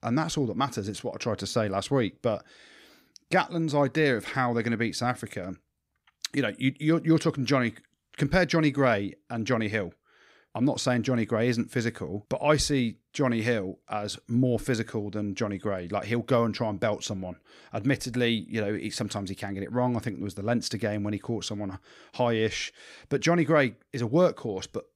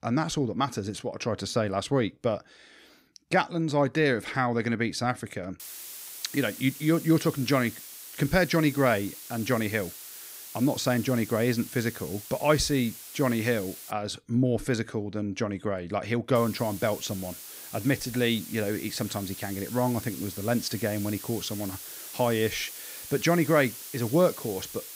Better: first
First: none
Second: hiss; noticeable; from 5.5 to 14 s and from 16 s on; 10 dB below the speech

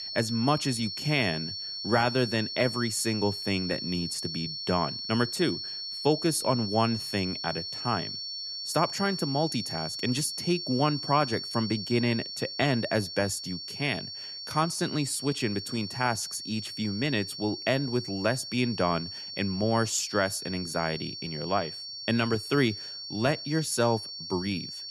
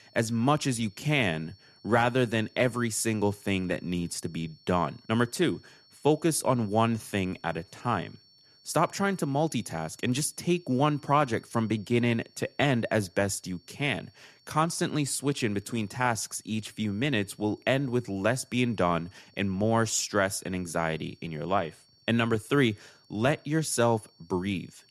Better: second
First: high-pitched whine; loud; throughout; 4.5 kHz, 6 dB below the speech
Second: high-pitched whine; faint; throughout; 4.5 kHz, 30 dB below the speech

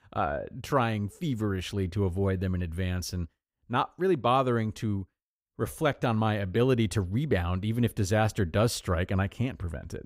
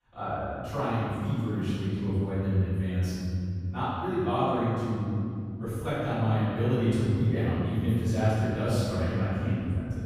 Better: first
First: none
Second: room echo; strong; dies away in 3 s // off-mic speech; far

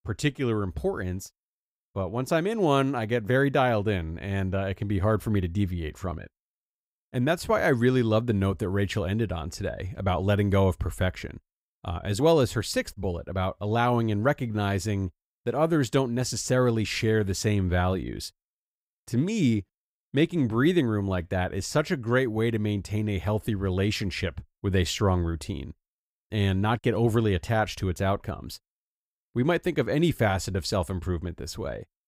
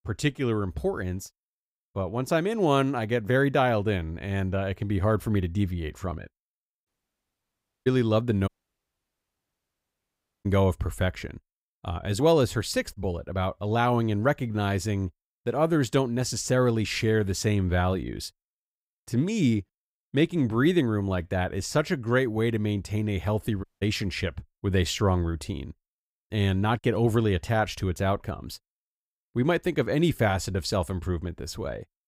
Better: first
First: none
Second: audio cutting out; at 7 s for 1 s, at 8.5 s for 2 s and at 24 s

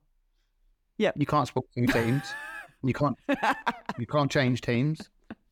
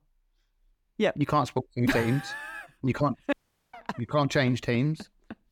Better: first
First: none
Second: audio cutting out; at 3.5 s

